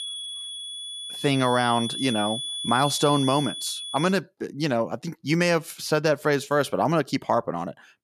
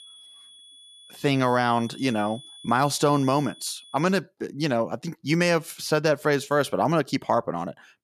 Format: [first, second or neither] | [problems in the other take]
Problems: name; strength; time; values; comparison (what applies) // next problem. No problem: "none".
second | high-pitched whine; loud; until 4 s; 3.5 kHz, 6 dB below the speech; faint in the second